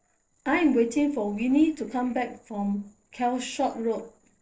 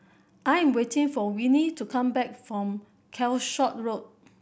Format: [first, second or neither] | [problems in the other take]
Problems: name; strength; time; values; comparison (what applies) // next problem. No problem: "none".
second | noise reduction (neural separator model SepFormer DNS4)